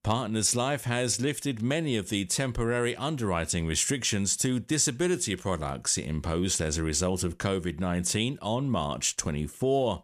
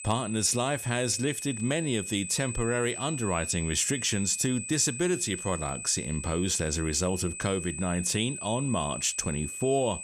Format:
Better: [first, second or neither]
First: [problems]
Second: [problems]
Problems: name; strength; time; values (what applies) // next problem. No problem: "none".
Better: first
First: none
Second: high-pitched whine; loud; throughout; 8 kHz, 7 dB below the speech